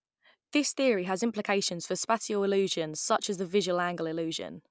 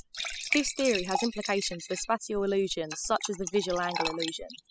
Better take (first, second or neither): first